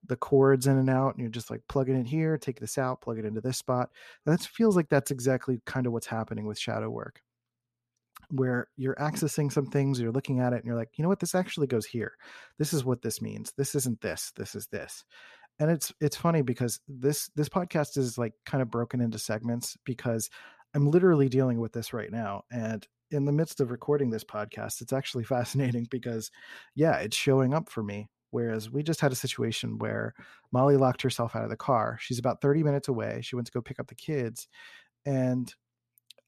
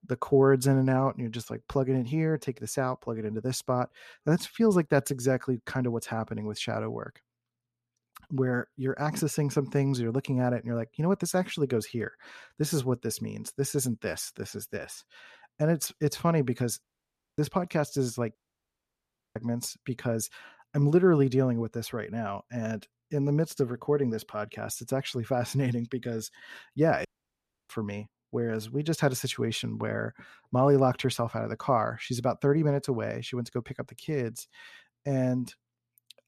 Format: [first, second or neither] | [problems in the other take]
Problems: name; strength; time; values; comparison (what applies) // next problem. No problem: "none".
first | audio cutting out; at 17 s for 0.5 s, at 18 s for 1 s and at 27 s for 0.5 s